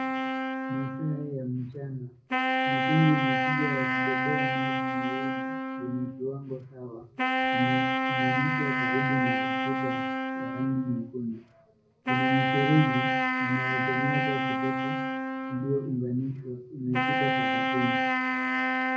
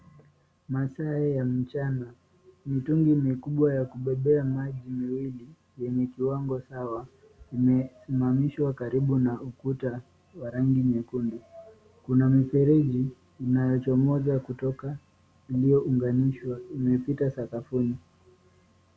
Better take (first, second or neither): second